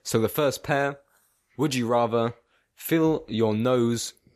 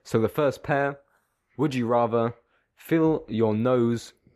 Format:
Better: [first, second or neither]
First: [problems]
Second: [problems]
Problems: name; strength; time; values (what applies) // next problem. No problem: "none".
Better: first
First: none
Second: muffled; slightly; fading above 3 kHz